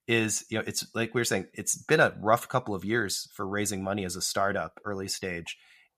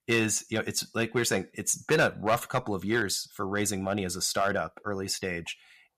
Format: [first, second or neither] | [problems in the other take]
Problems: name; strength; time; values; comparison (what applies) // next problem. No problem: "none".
first | distortion; slight; 1.8% of the sound clipped